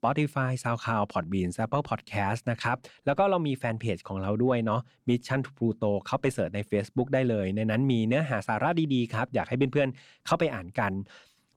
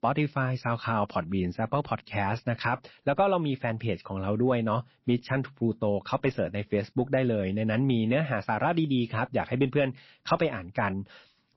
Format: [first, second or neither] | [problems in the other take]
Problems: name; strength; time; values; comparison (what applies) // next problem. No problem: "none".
first | garbled, watery; slightly; nothing above 5.5 kHz